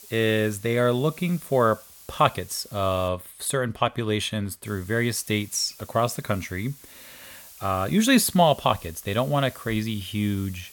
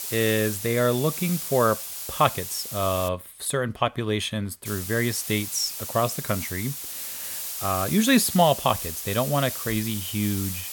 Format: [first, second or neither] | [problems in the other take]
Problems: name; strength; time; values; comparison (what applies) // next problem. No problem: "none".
first | hiss; loud; until 3 s and from 4.5 s on; 6 dB below the speech; faint in the first